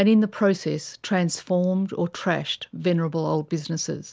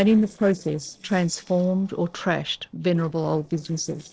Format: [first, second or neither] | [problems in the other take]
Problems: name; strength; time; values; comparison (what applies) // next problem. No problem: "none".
first | noise reduction (neural separator model SepFormer DNS4)